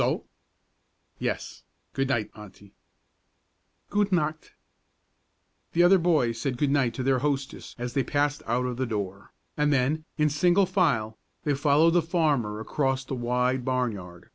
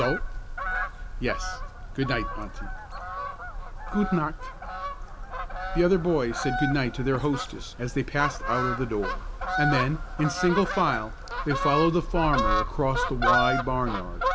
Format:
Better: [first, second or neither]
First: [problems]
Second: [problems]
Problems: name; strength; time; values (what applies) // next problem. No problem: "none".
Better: first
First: none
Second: background sound (Fowl); 2 dB below the speech